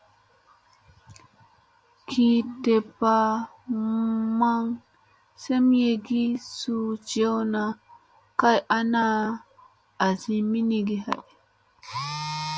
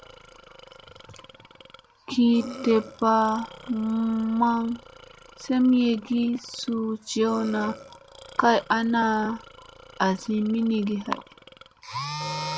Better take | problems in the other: first | background sound (Burping, eructation); 19 dB below the speech

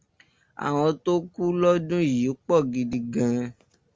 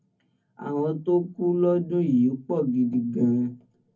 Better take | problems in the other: first | room echo; dies away in 0.3 s

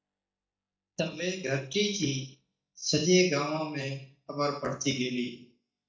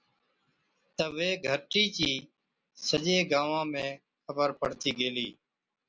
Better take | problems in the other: second | noise reduction (neural mask model DeepFilterNet 3)

